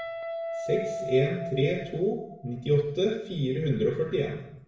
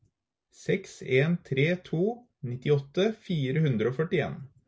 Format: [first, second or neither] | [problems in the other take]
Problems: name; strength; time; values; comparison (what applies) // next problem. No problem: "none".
second | background sound (Guitar); 10 dB below the speech // room echo; dies away in 0.7 s